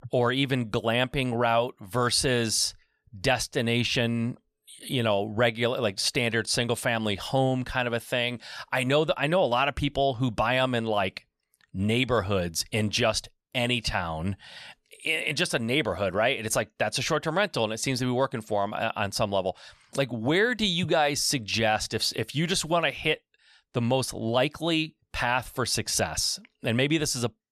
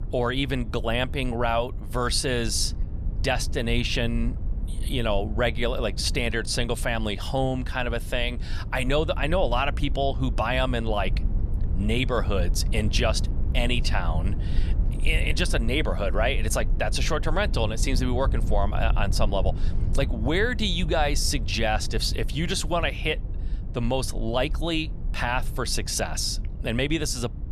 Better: first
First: none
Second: low rumble; noticeable; throughout; 20 dB below the speech

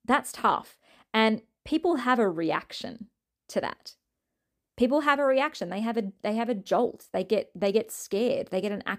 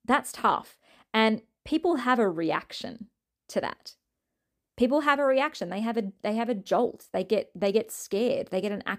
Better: neither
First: none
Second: none

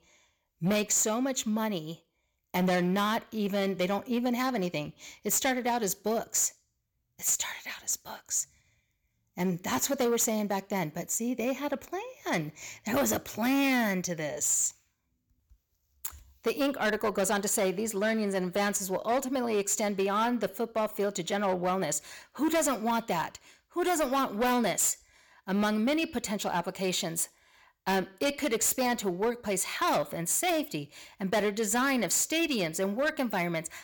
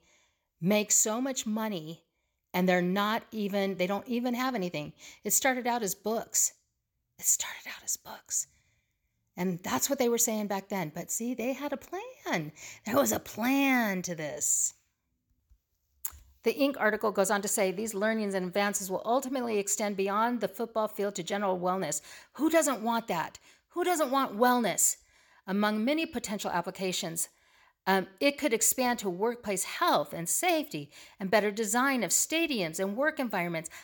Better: second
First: distortion; slight; 8% of the sound clipped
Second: none

